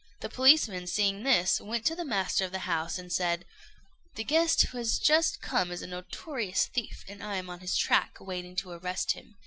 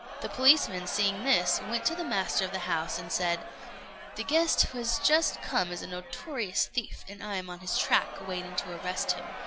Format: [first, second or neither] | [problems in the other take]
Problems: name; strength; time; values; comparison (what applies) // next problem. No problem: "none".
first | background sound (Crowd); 11 dB below the speech